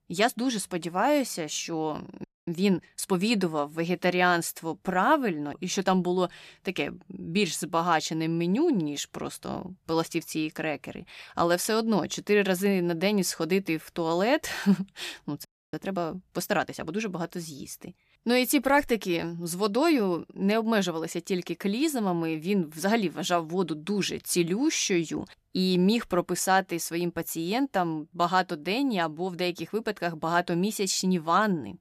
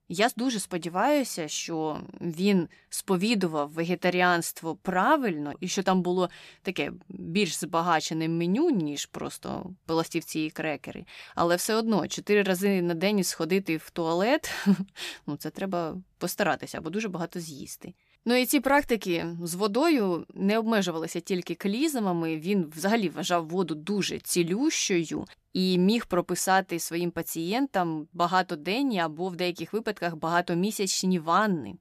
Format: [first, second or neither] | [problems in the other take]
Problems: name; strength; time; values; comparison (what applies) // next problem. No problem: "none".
second | audio freezing; at 2 s and at 15 s